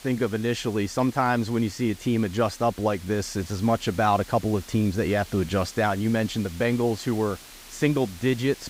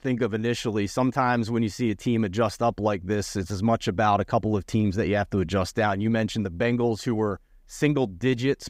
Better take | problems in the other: second | hiss; noticeable; throughout; 20 dB below the speech

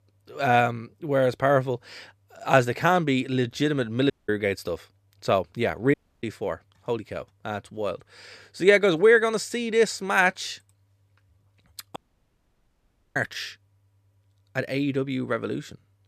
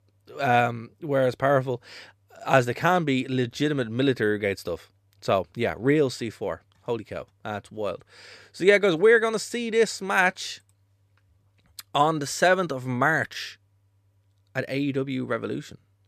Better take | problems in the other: second | audio cutting out; at 4 s, at 6 s and at 12 s for 1 s

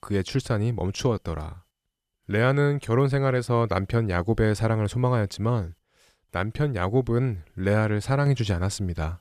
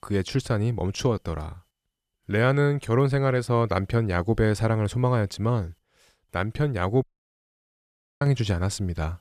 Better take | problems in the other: first | audio cutting out; at 7 s for 1 s

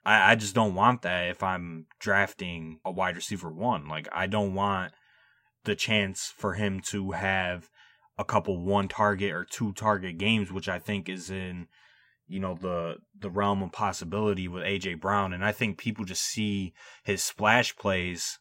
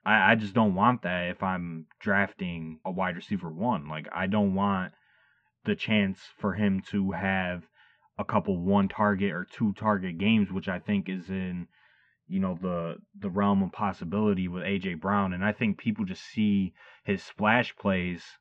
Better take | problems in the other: first | muffled; very; fading above 3 kHz

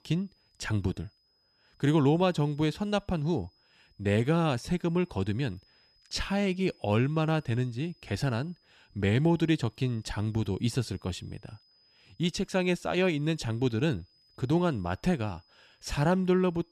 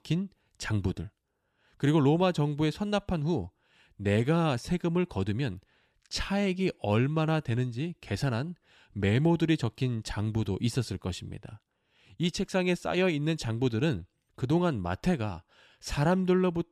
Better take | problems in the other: second | high-pitched whine; faint; throughout; 5 kHz, 35 dB below the speech

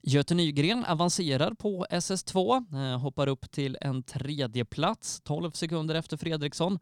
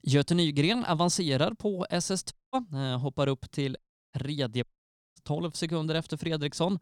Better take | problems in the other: first | audio cutting out; at 2.5 s, at 4 s and at 4.5 s for 0.5 s

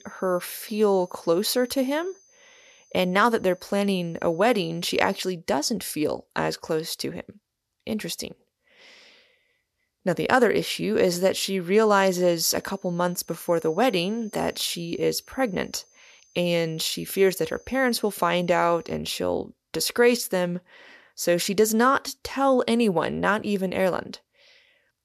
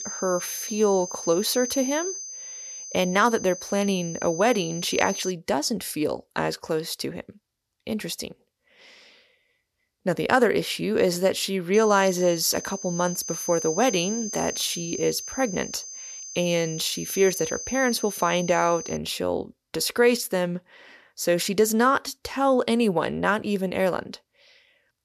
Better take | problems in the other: first | high-pitched whine; loud; until 5.5 s and from 12 to 19 s; 6.5 kHz, 9 dB below the speech; faint in the first

